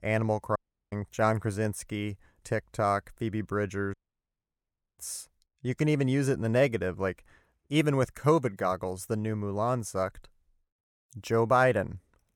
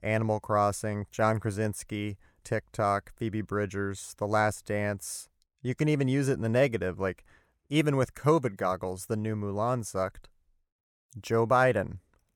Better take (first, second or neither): second